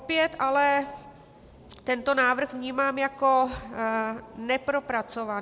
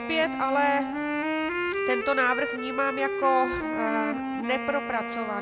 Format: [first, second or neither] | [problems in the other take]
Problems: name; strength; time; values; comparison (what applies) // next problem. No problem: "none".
first | background sound (Wind instrument, woodwind instrument); 2 dB below the speech